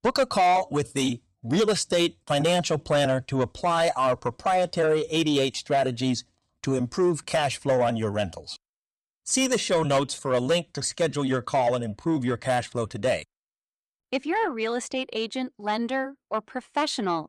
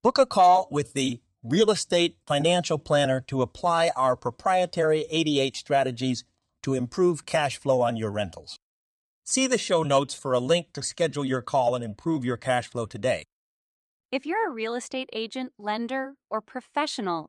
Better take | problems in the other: second | distortion; slight; 10 dB below the speech

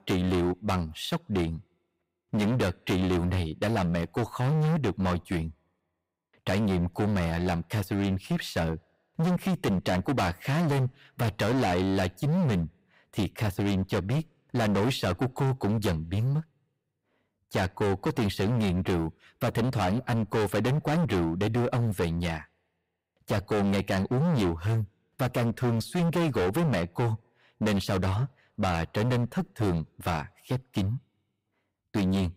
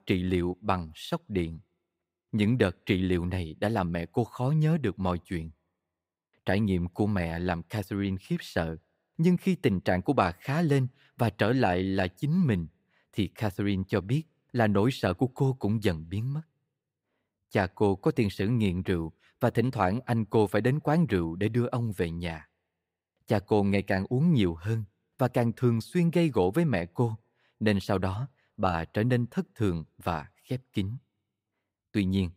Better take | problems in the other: second | distortion; heavy; 23% of the sound clipped

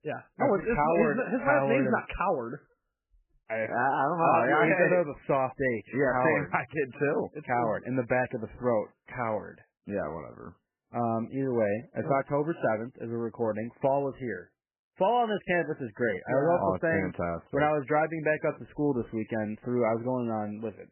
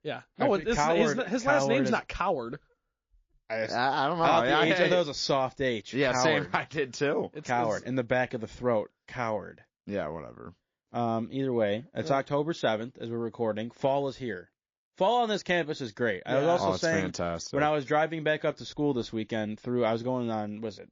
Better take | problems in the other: second | garbled, watery; badly; nothing above 3 kHz; slightly in the second

